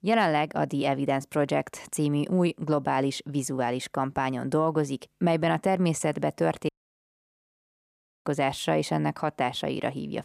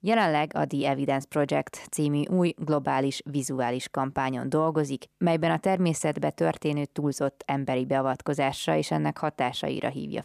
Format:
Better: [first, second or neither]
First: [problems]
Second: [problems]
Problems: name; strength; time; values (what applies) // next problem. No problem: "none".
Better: second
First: audio cutting out; at 6.5 s for 1.5 s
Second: none